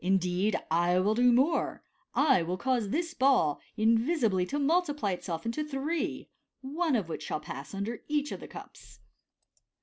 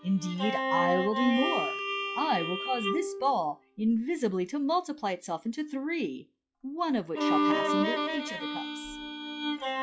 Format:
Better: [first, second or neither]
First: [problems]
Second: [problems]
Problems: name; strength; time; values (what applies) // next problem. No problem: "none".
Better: first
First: none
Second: noise reduction (classical method log-MMSE)